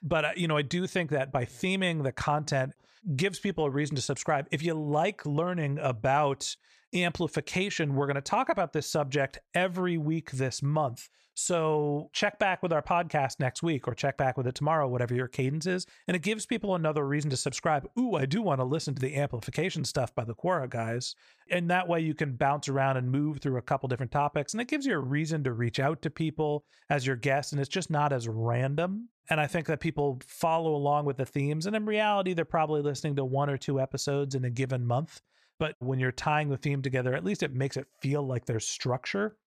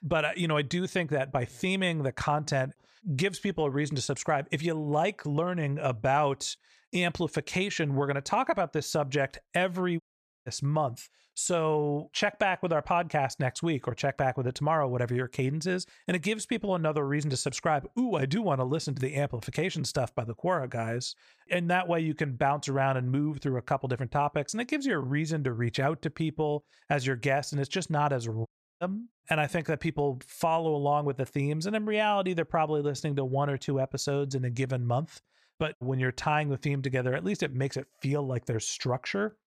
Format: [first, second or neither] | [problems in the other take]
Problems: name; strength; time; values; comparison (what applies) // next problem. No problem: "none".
first | audio cutting out; at 10 s and at 28 s